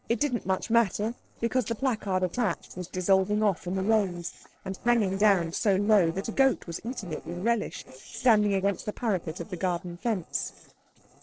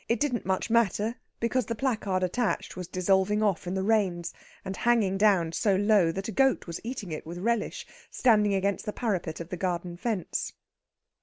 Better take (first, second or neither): second